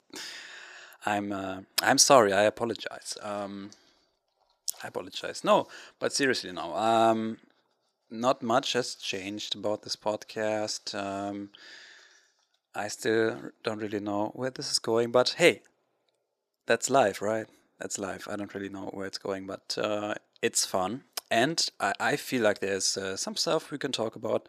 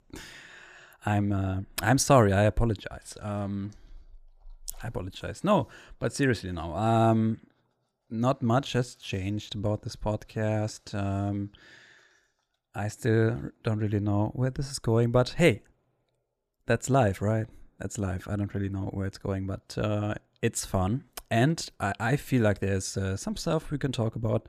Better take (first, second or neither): second